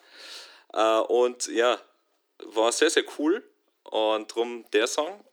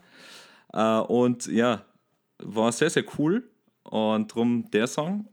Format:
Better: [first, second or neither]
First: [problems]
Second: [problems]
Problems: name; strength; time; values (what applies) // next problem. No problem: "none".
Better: second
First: thin; very; fading below 300 Hz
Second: none